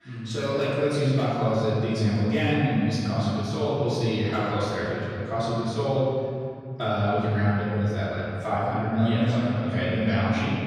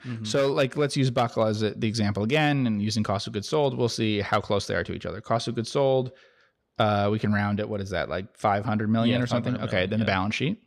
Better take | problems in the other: second | room echo; strong; dies away in 2.3 s // off-mic speech; far

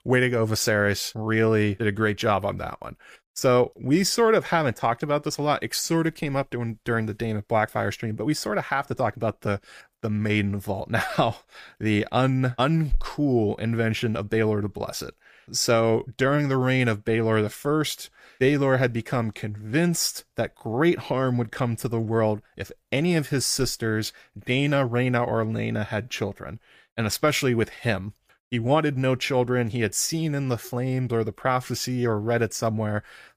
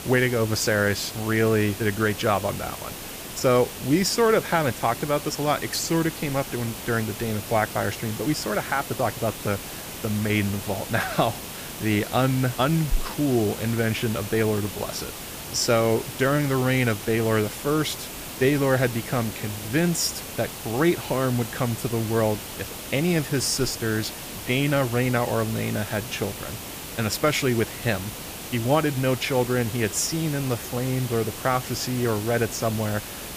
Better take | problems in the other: first | hiss; loud; throughout; 9 dB below the speech

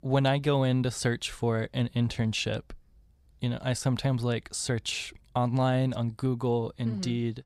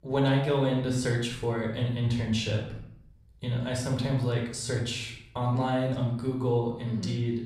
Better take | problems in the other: first | off-mic speech; somewhat distant // room echo; noticeable; dies away in 0.6 s

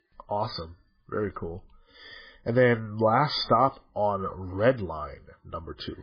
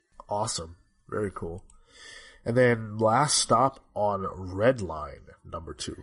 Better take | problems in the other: second | garbled, watery; badly; nothing above 5 kHz; slightly in the second

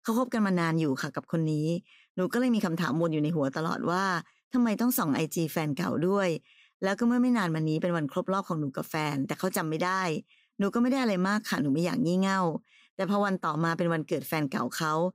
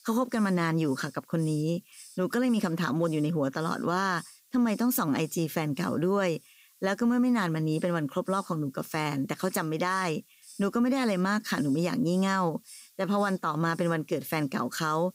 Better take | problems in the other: first | hiss; faint; throughout; 25 dB below the speech

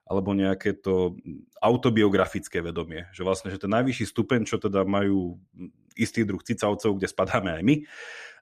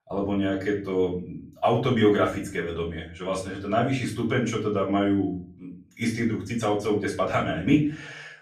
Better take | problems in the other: first | off-mic speech; far // room echo; slight; dies away in 0.4 s

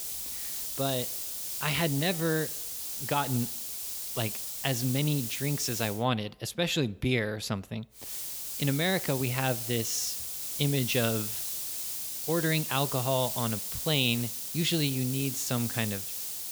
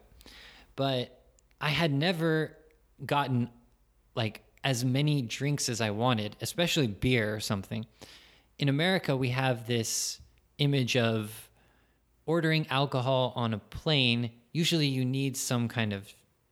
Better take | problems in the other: second | hiss; loud; until 6 s and from 8 s on; 3 dB below the speech

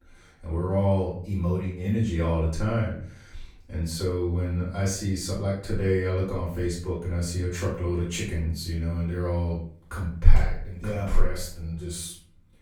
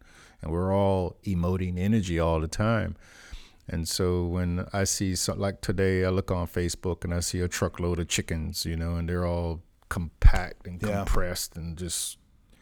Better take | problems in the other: second | off-mic speech; far // room echo; noticeable; dies away in 0.5 s

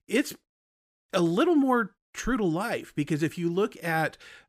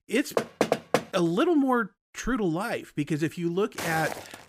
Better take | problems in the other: first | door banging; loud; at 0.5 s; peak 2 dB above the speech // footsteps; noticeable; at 4 s; peak 6 dB below the speech

